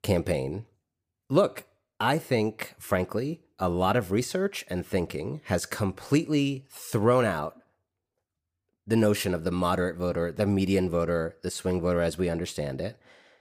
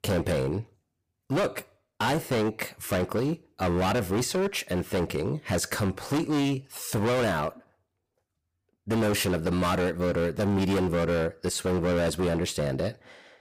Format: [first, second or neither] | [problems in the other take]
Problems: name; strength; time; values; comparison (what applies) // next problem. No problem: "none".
first | distortion; heavy; 21% of the sound clipped